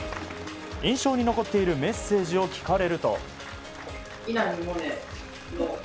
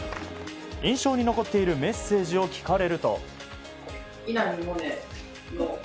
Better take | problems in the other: second | background sound (Engine / Mechanisms + Applause); 17 dB below the speech

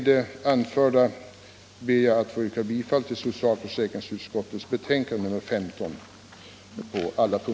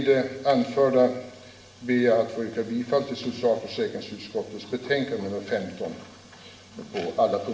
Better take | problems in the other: first | room echo; dies away in 0.9 s

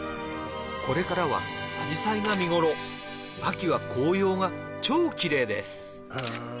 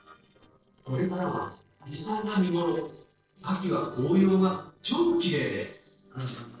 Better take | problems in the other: first | noise reduction (neural separator model SepFormer DNS4)

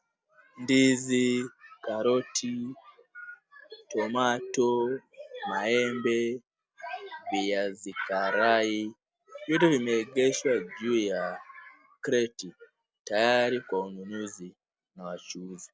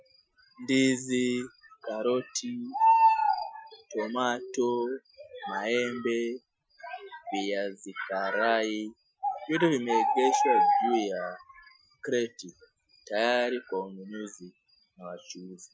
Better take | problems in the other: first | noise reduction (classical method Wiener filter)

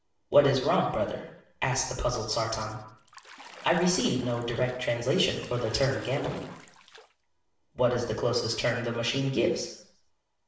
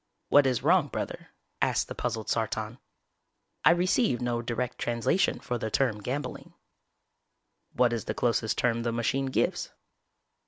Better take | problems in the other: second | background sound (Bathtub (filling or washing) / Splash, splatter); 19 dB below the speech // room echo; dies away in 0.7 s

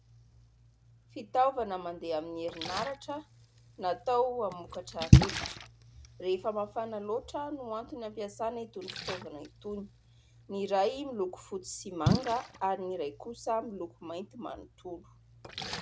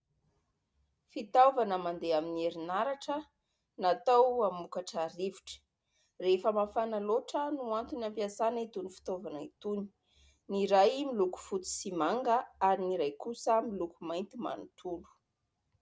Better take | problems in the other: second | background sound (Splash, splatter); 1 dB above the speech

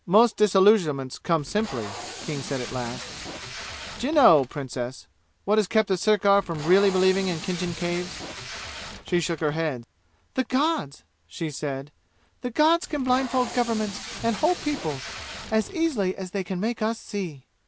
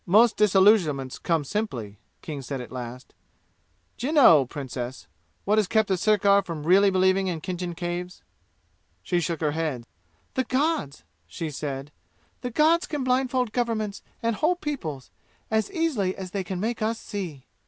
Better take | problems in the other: second | background sound (Packing tape, duct tape); 12 dB below the speech

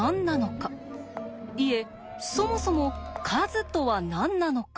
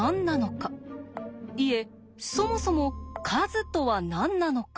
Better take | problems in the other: second | background sound (Crowd); 15 dB below the speech

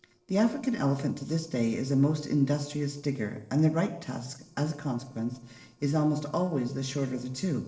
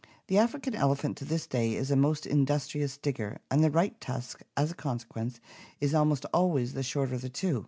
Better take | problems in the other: second | noise reduction (neural separator model SepFormer DNS4)

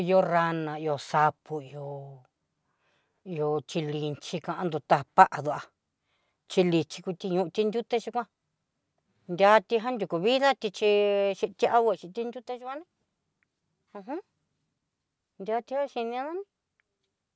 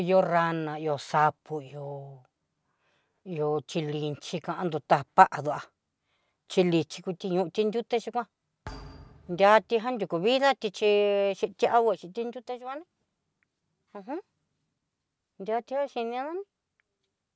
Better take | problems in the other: first | background sound (Thump, thud); 20 dB below the speech

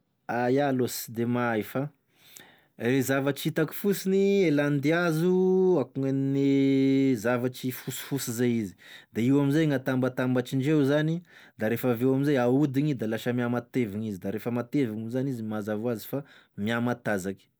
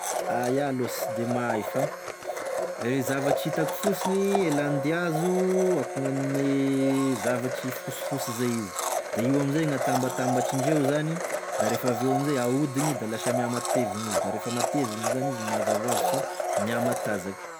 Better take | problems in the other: first | background sound (Domestic sounds, home sounds); 2 dB below the speech

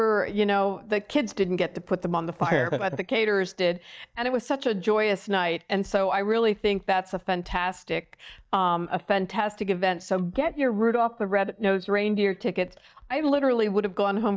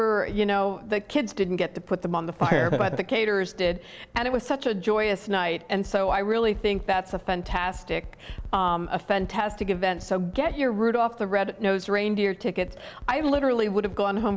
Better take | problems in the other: second | noise reduction (neural mask model DeepFilterNet 3)

